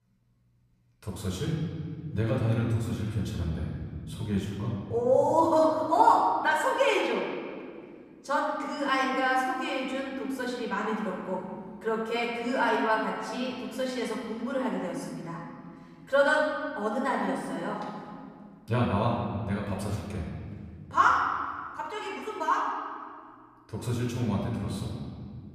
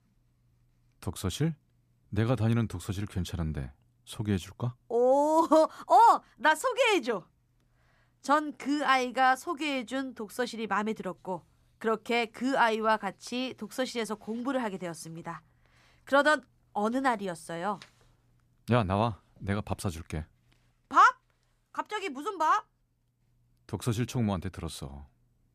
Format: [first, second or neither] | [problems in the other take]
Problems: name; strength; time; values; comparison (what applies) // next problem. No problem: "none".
second | room echo; noticeable; dies away in 2.2 s // off-mic speech; far